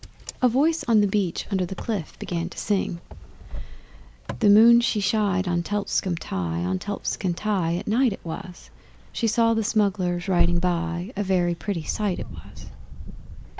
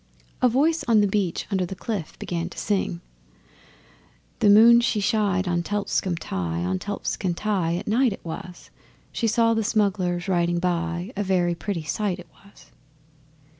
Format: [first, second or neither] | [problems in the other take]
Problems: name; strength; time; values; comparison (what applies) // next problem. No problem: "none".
second | background sound (Wind); 7 dB below the speech